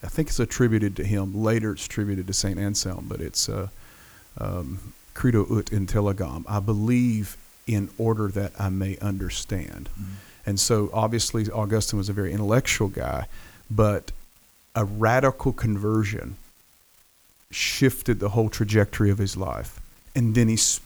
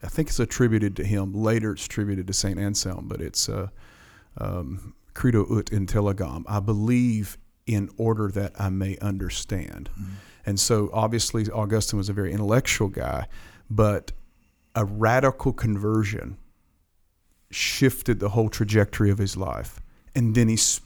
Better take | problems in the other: second | hiss; faint; throughout; 25 dB below the speech

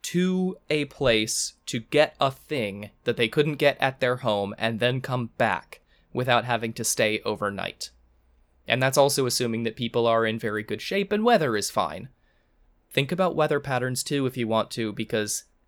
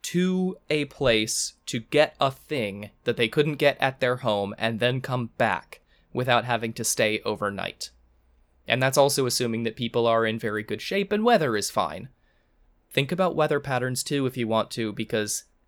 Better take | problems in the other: neither | none

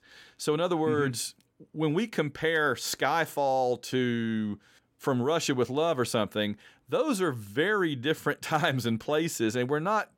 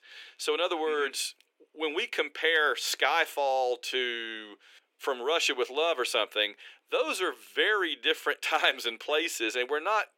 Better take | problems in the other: first | thin; very; fading below 350 Hz

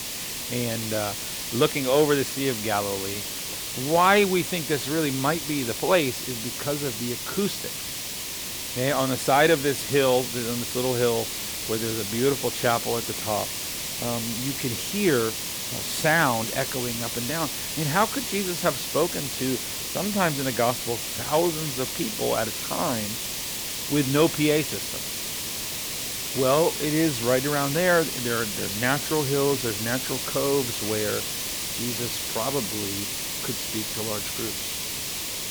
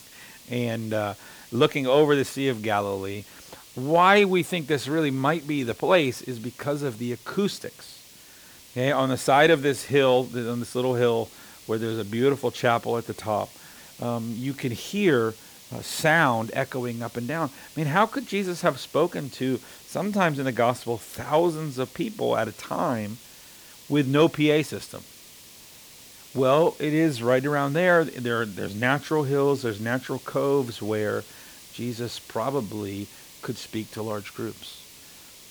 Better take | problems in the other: second | hiss; loud; throughout; 3 dB below the speech; faint in the second

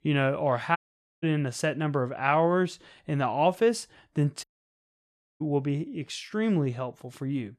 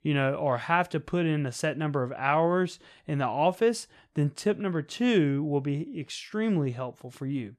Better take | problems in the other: second | audio cutting out; at 1 s and at 4.5 s for 1 s

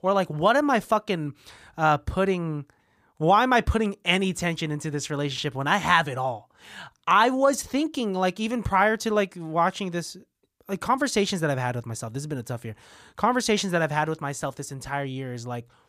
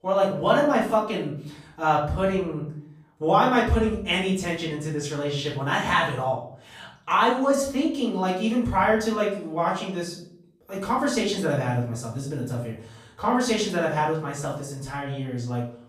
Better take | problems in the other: first | off-mic speech; far // room echo; noticeable; dies away in 0.5 s

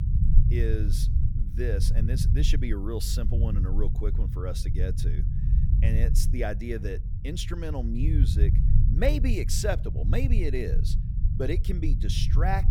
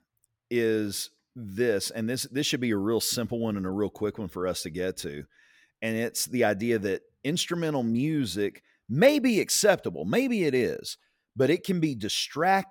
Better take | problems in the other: second | low rumble; loud; throughout; 8 dB below the speech

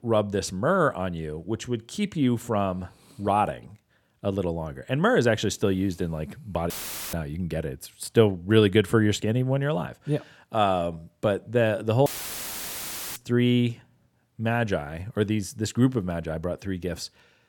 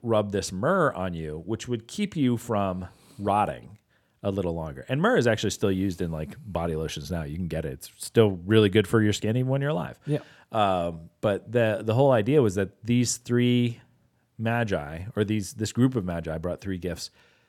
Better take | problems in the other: second | audio cutting out; filled with static; at 6.5 s and at 12 s for 1 s

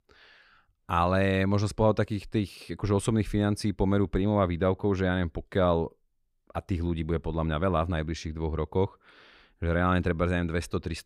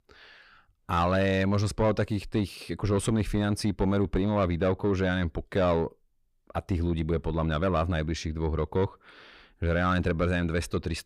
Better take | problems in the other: first | distortion; slight; 9 dB below the speech

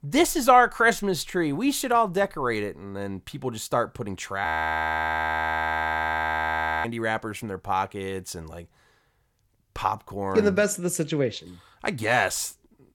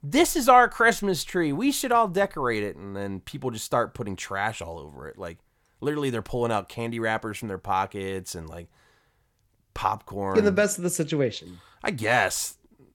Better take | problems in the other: second | audio freezing; at 4.5 s for 2.5 s

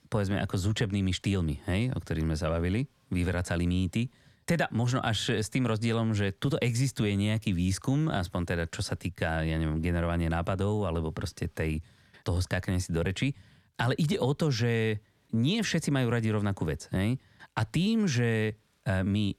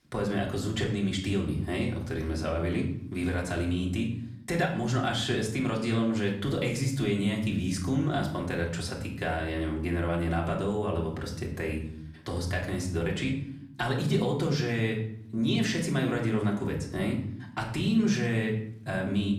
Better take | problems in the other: first | room echo; slight; dies away in 0.6 s // off-mic speech; far

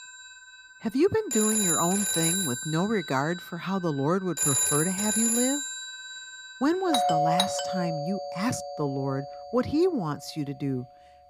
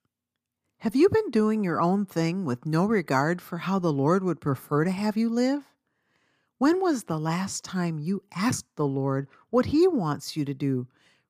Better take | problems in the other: second | alarms or sirens; very loud; throughout; 2 dB above the speech

